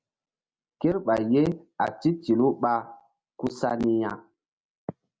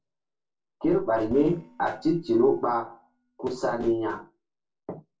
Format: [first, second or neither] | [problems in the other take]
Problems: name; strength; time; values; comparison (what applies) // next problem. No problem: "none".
first | noise reduction (neural separator model SepFormer DNS4)